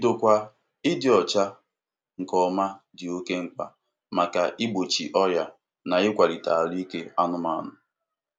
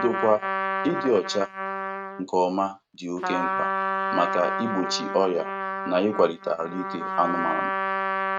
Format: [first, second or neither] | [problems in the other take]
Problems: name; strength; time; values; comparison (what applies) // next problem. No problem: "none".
first | noise reduction (neural mask model RNNoise)